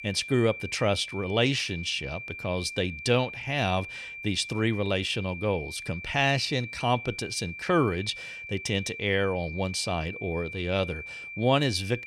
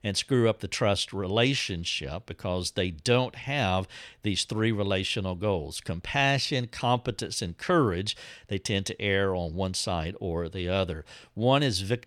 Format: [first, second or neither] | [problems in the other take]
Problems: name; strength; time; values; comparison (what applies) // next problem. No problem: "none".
second | high-pitched whine; loud; throughout; 2.5 kHz, 10 dB below the speech